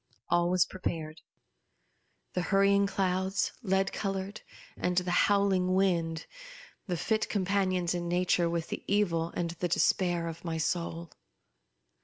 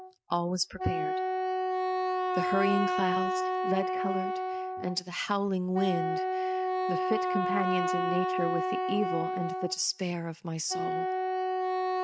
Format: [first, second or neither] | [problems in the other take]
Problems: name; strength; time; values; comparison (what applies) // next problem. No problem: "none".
first | noise reduction (neural mask model RNNoise)